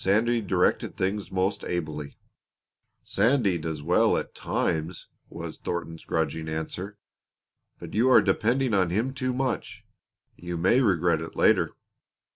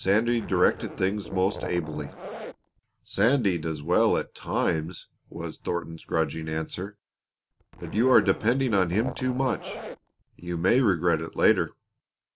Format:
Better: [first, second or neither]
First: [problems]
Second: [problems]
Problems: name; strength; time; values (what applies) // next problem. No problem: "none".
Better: first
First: none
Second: background sound (Zipper (clothing)); 13 dB below the speech